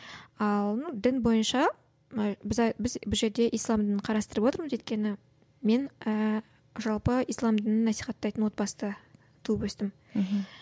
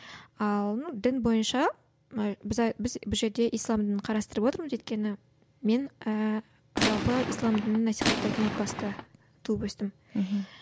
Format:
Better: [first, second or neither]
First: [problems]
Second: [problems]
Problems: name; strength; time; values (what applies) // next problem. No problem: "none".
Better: first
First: none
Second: background sound (Gunshot, gunfire); 2 dB below the speech